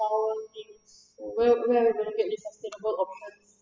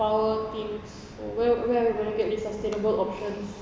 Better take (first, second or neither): second